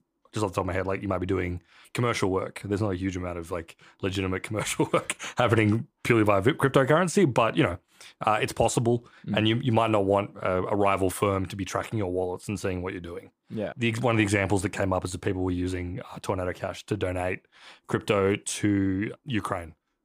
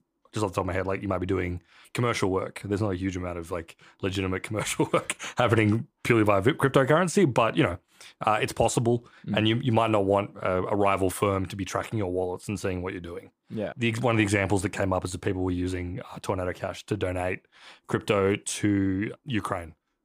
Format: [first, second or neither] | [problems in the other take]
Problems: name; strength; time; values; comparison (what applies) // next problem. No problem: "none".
neither | none